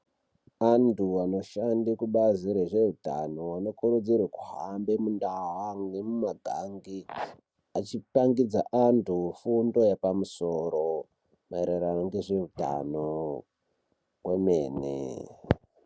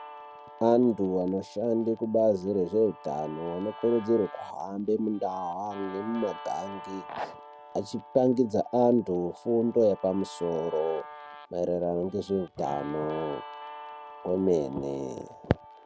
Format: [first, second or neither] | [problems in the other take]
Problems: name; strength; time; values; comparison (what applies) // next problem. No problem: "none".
first | background sound (Guitar); 17 dB below the speech